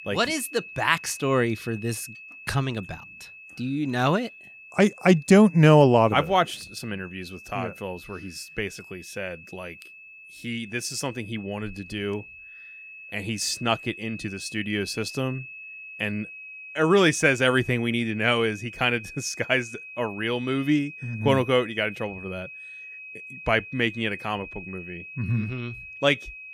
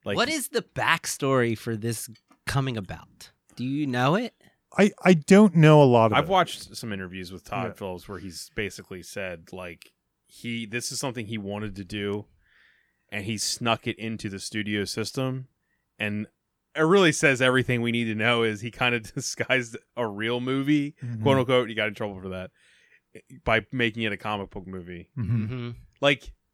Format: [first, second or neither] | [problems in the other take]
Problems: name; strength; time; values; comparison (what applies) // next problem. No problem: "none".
second | high-pitched whine; noticeable; throughout; 2.5 kHz, 15 dB below the speech